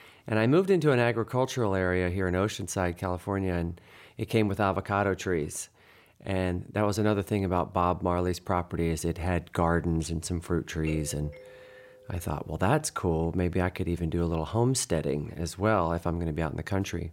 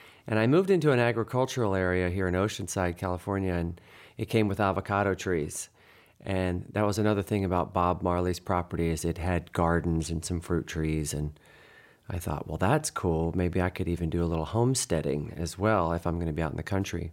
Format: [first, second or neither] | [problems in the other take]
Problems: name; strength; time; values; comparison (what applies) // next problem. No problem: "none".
second | doorbell; faint; from 11 to 12 s; peak 15 dB below the speech